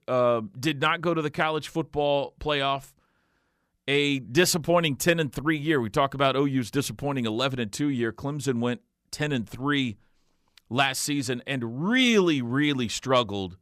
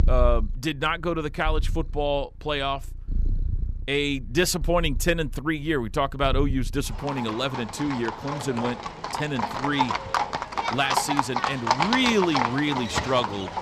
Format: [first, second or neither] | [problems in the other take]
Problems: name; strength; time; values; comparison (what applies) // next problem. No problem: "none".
first | animal sounds; loud; throughout; 3 dB below the speech